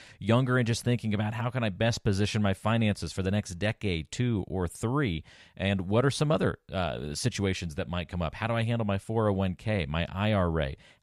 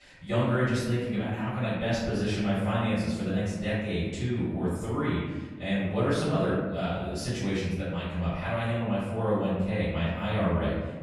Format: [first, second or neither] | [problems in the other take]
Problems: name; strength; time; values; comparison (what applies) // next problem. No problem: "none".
first | off-mic speech; far // room echo; strong; dies away in 1.3 s